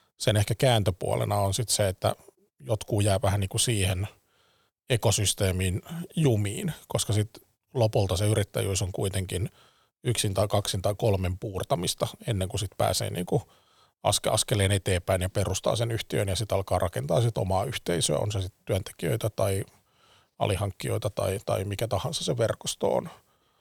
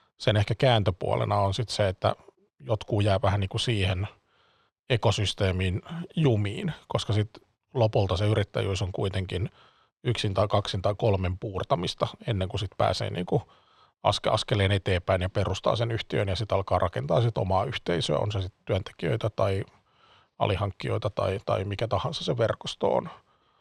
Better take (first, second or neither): first